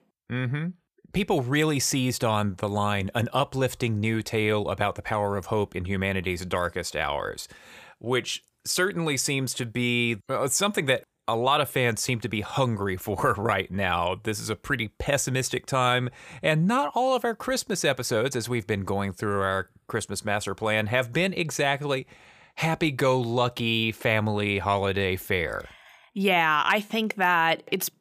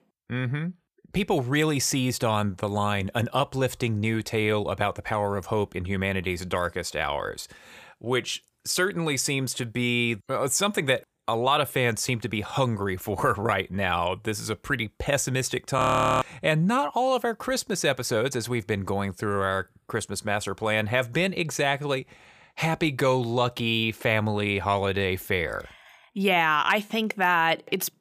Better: first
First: none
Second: audio freezing; at 16 s

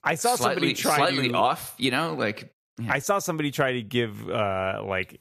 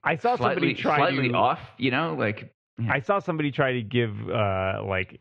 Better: first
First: none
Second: muffled; very; fading above 3 kHz

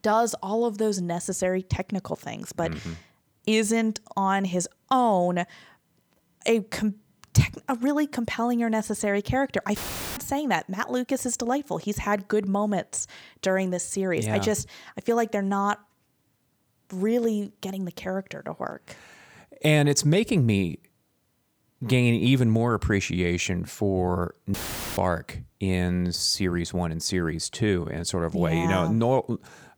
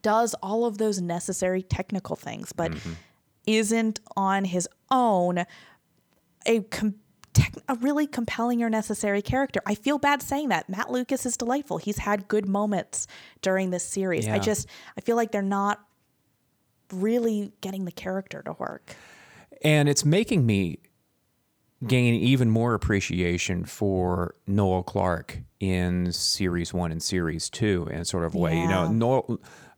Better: second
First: audio cutting out; filled with static; at 10 s and at 25 s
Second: none

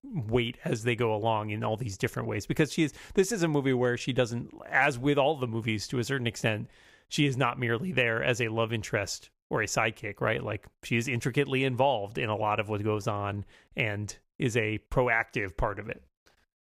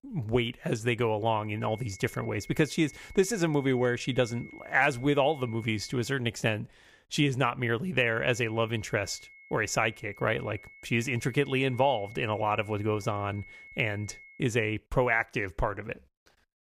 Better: first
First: none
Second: high-pitched whine; faint; from 1.5 to 6 s and from 8 to 14 s; 2 kHz, 20 dB below the speech

